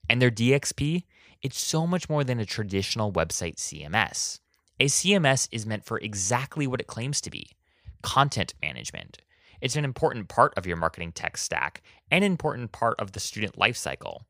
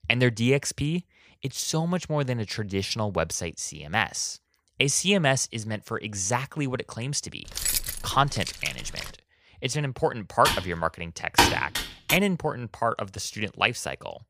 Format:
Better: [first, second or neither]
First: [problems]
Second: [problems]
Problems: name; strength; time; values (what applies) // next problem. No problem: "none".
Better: first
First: none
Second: jangling keys; loud; from 7.5 to 9 s; peak 2 dB above the speech // keyboard typing; loud; from 10 to 12 s; peak 6 dB above the speech